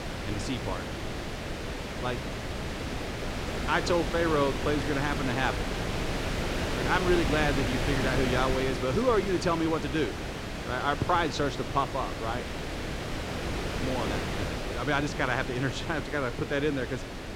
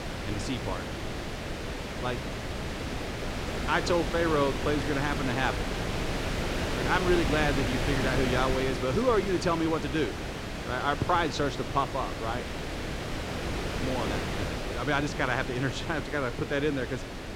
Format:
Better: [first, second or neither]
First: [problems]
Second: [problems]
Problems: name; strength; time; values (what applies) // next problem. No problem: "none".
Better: neither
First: wind noise on the microphone; heavy; 5 dB below the speech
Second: wind noise on the microphone; heavy; 5 dB below the speech